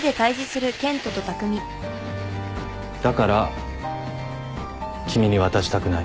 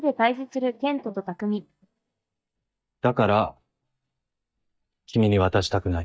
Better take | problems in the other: first | noise reduction (neural mask model DeepFilterNet 3)

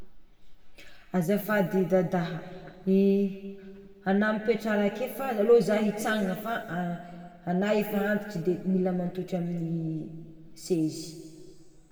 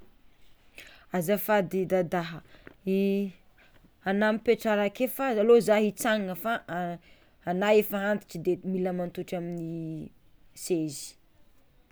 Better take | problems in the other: second | room echo; dies away in 1.8 s

